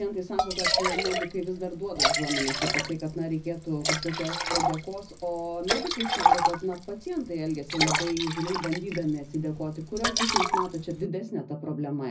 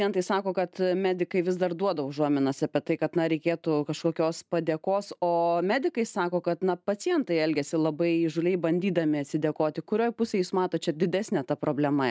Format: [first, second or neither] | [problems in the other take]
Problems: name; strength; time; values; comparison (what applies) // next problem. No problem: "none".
second | background sound (Liquid); 2 dB above the speech // room echo; dies away in 0.4 s